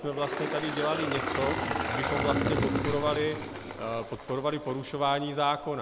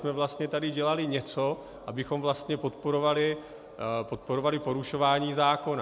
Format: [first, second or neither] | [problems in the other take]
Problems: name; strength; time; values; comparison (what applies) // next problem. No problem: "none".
second | background sound (Engine); 2 dB below the speech